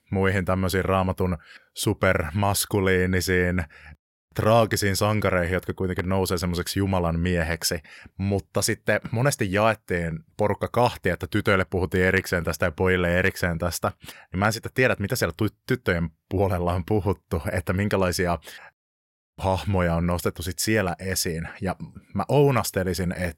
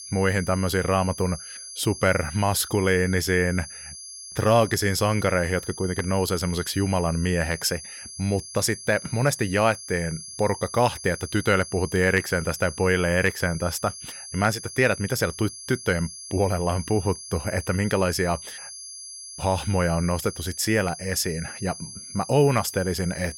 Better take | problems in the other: first | high-pitched whine; noticeable; throughout; 5 kHz, 10 dB below the speech

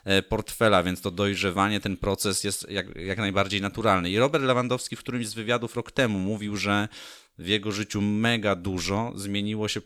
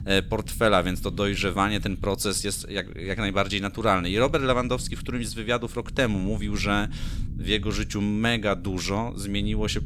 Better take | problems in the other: first | low rumble; faint; throughout; 25 dB below the speech

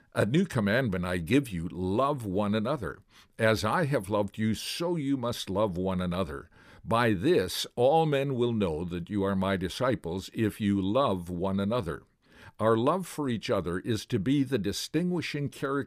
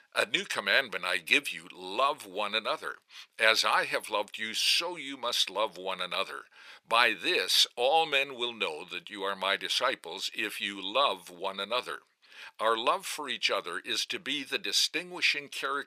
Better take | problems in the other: first | thin; very; fading below 700 Hz

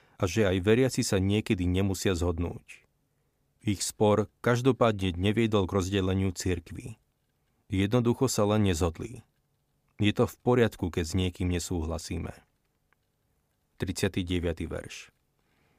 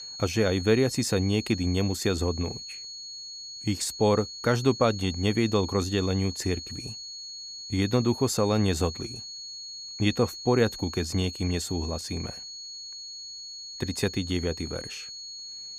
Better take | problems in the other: first | high-pitched whine; noticeable; throughout; 4.5 kHz, 10 dB below the speech

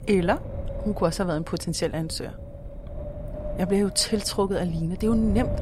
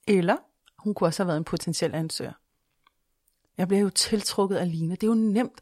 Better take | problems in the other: second | wind noise on the microphone; occasional gusts; 10 dB below the speech

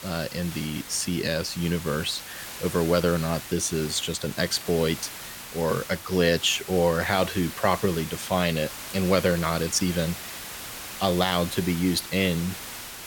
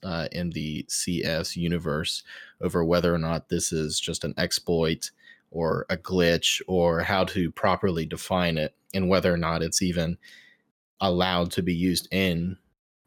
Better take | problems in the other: second | hiss; noticeable; throughout; 10 dB below the speech

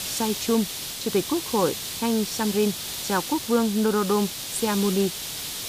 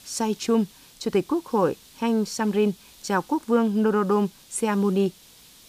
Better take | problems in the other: second | hiss; loud; throughout; 5 dB below the speech; faint in the second

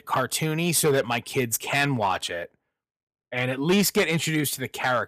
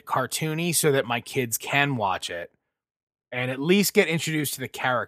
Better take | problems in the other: second | distortion; slight; 4% of the sound clipped

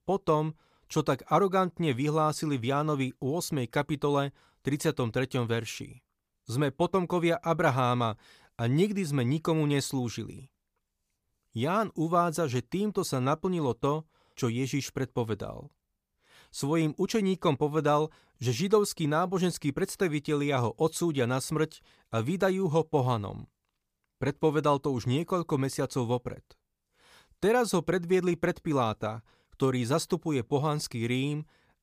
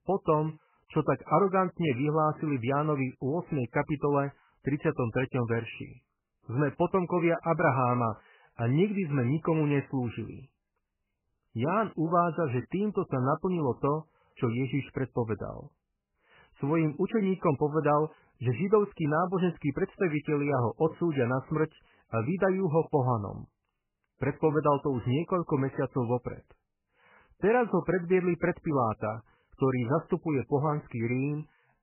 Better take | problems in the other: first | garbled, watery; badly; nothing above 3 kHz

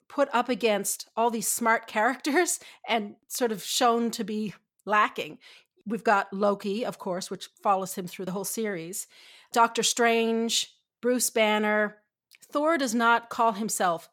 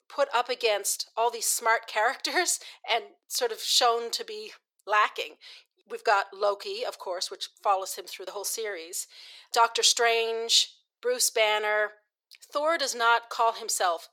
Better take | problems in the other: first | thin; very; fading below 400 Hz

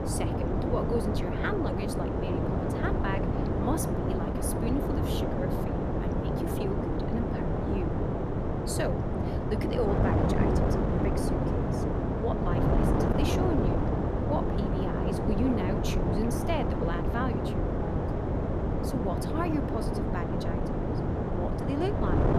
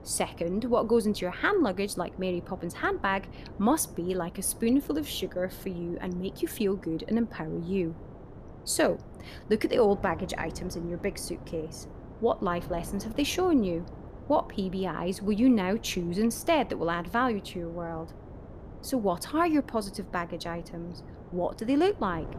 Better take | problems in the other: second | wind noise on the microphone; heavy; 3 dB above the speech; occasional gusts in the second

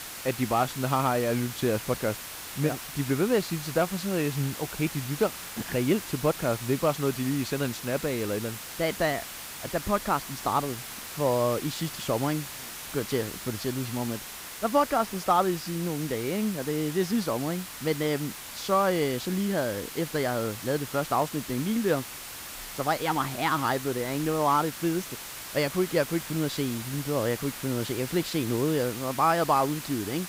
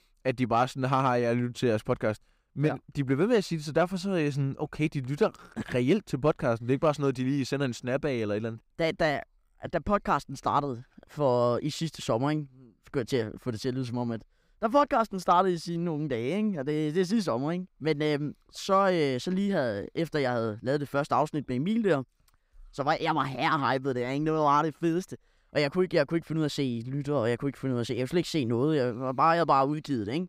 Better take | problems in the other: second | hiss; loud; throughout; 9 dB below the speech

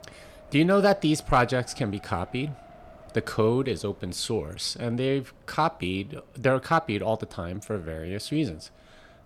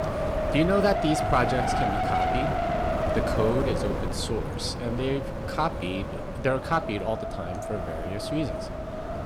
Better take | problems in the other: first | wind noise on the microphone; heavy; as loud as the speech; occasional gusts in the first

